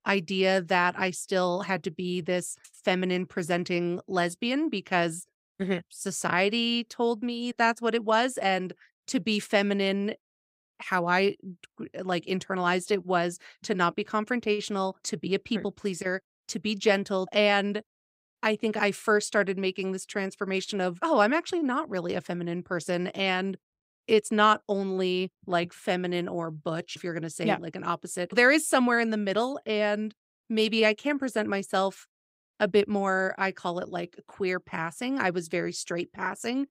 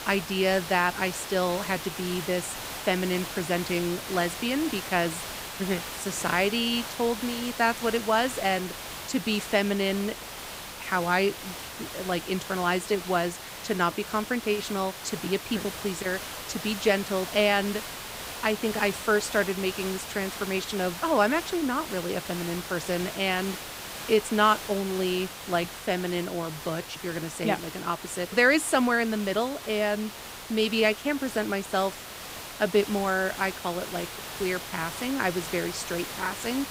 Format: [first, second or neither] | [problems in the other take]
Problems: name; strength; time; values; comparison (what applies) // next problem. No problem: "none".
first | hiss; loud; throughout; 9 dB below the speech